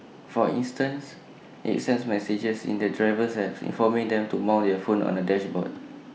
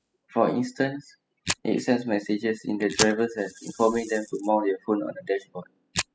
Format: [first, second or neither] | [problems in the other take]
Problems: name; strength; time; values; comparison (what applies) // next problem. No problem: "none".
first | noise reduction (classical method spectral subtraction)